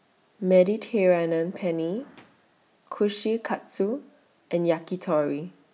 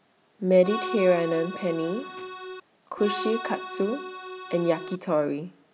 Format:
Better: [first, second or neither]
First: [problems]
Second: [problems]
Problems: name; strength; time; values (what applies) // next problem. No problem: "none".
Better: first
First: none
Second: background sound (Accordion); 8 dB below the speech